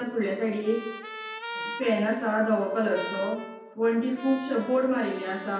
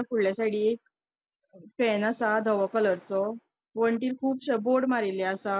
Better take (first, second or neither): second